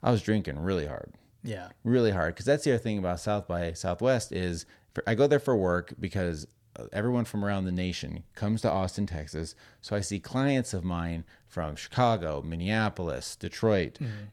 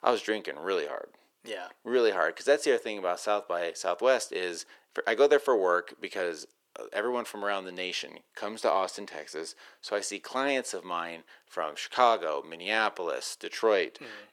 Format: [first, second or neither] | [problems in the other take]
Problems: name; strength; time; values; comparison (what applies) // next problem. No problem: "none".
first | thin; very; fading below 350 Hz